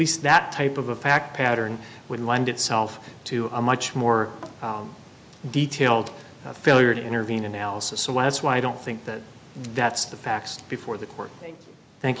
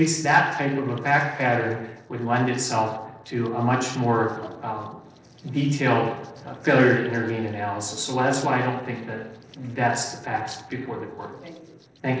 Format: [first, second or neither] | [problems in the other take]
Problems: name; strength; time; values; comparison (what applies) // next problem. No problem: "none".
first | noise reduction (neural separator model SepFormer DNS4)